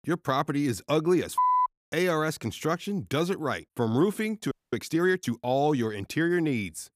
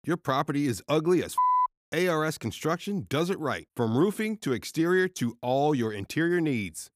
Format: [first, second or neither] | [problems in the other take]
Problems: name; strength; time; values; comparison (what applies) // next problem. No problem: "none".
second | audio freezing; at 4.5 s